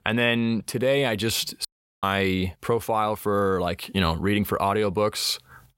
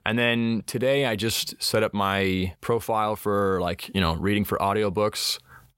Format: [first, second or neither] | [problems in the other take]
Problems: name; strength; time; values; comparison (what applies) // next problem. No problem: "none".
second | audio cutting out; at 1.5 s